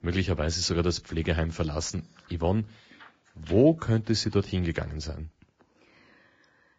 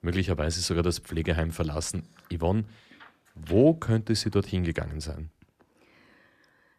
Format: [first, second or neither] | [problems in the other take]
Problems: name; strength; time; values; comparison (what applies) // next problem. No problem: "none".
second | garbled, watery; badly; nothing above 7.5 kHz